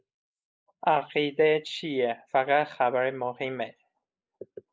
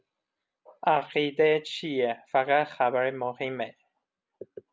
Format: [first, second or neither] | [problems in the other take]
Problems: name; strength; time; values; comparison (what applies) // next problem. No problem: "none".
second | noise reduction (neural mask model Resemble Enhance denoiser)